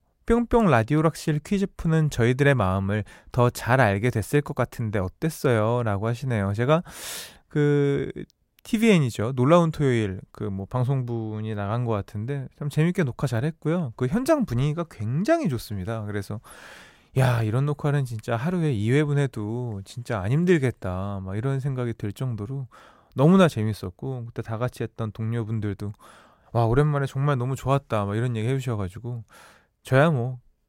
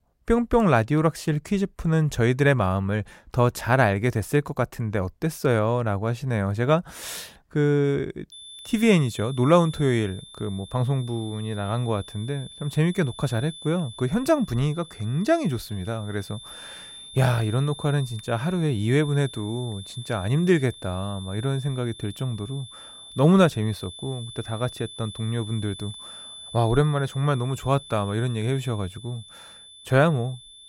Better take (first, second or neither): first